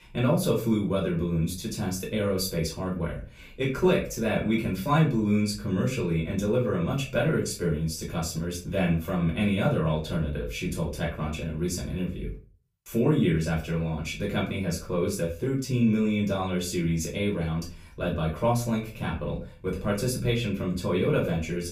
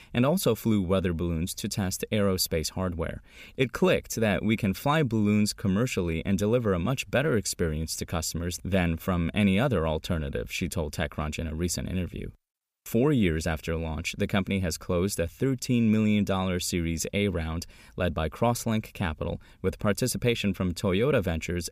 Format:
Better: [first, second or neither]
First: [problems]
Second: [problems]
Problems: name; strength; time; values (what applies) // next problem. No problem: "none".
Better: second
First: off-mic speech; far // room echo; slight; dies away in 0.3 s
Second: none